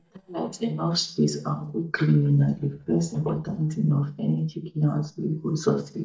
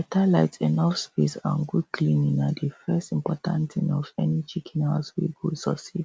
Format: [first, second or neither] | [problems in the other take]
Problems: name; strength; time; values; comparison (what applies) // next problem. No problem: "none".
second | noise reduction (neural mask model DeepFilterNet 3)